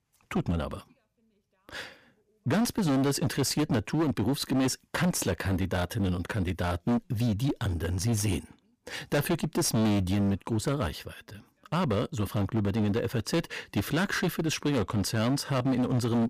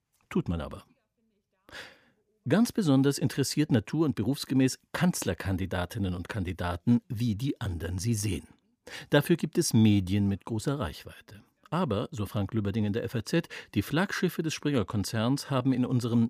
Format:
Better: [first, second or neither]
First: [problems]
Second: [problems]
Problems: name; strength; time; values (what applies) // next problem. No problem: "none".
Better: second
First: distortion; heavy; 17% of the sound clipped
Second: none